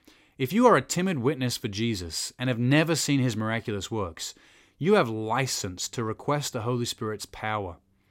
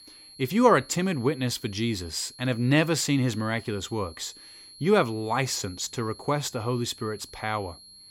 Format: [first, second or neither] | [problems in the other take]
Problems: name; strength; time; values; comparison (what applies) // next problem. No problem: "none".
first | high-pitched whine; noticeable; throughout; 4 kHz, 20 dB below the speech